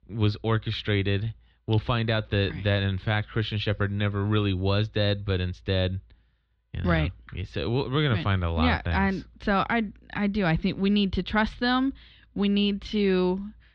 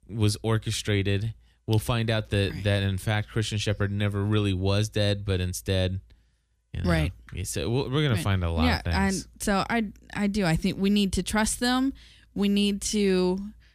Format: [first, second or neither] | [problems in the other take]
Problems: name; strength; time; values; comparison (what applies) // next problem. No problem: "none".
second | muffled; slightly; fading above 4 kHz